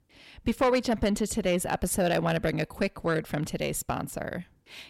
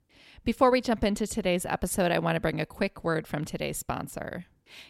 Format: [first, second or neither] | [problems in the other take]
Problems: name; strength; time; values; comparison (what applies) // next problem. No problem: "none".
second | distortion; slight; 10 dB below the speech